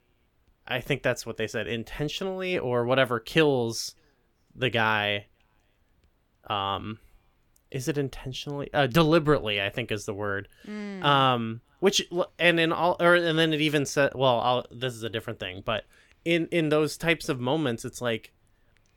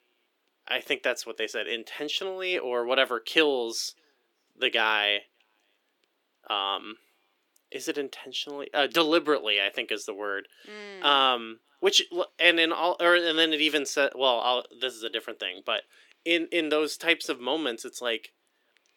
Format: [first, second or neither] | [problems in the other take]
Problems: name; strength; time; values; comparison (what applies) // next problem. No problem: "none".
first | thin; somewhat; fading below 300 Hz